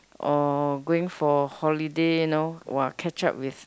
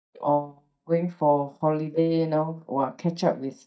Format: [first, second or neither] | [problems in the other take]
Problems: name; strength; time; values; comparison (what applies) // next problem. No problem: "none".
first | noise reduction (neural mask model DeepFilterNet 3)